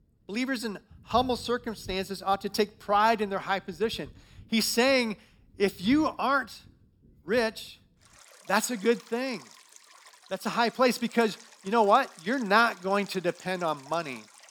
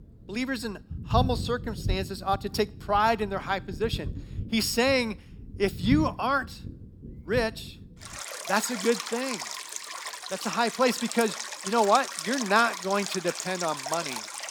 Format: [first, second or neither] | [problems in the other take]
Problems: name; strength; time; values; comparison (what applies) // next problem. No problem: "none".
first | rain or running water; loud; throughout; 8 dB below the speech; faint in the first